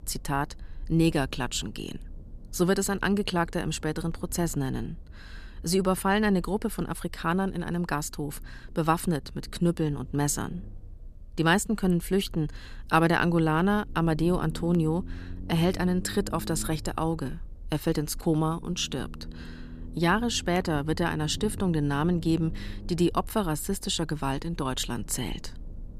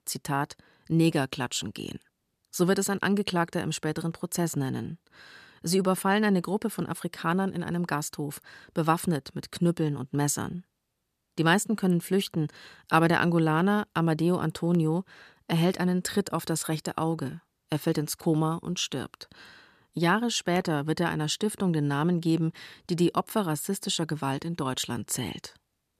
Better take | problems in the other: second | low rumble; faint; throughout; 25 dB below the speech

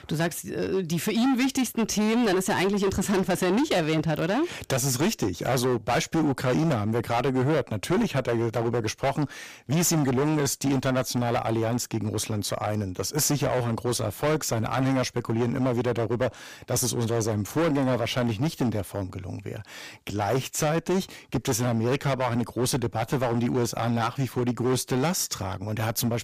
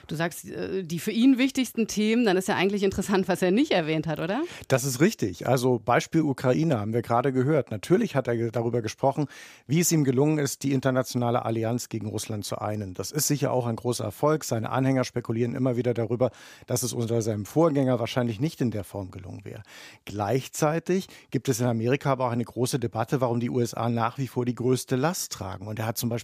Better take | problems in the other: second | distortion; heavy; 17% of the sound clipped

